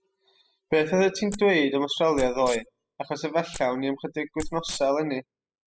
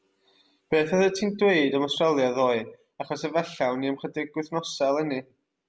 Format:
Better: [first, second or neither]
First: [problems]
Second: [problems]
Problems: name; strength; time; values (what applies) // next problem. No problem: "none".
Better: second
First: noise reduction (classical method spectral subtraction)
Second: none